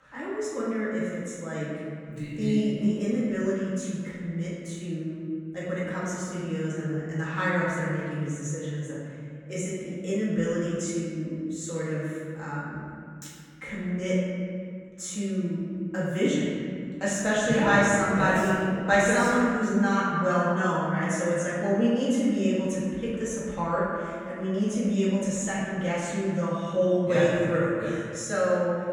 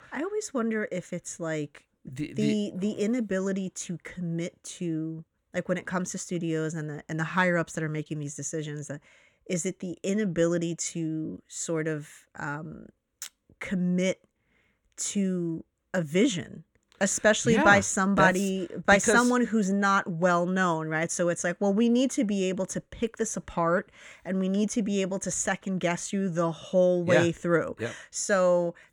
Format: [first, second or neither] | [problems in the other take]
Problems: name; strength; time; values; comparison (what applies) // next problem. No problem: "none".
second | room echo; strong; dies away in 2.2 s // off-mic speech; far